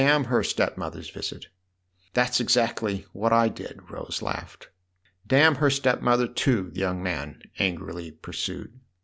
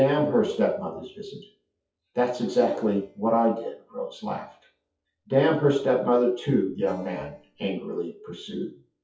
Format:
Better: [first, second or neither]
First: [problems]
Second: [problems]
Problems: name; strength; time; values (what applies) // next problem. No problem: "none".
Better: first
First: none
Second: noise reduction (classical method WPE with log-MMSE)